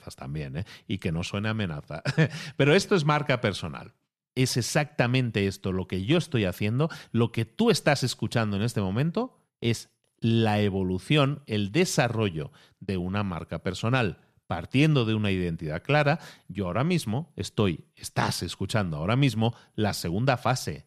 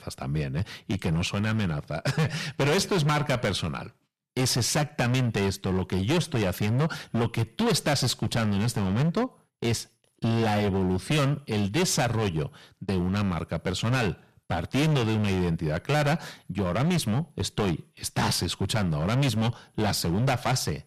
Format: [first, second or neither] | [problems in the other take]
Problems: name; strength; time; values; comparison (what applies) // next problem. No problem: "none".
first | distortion; heavy; 18% of the sound clipped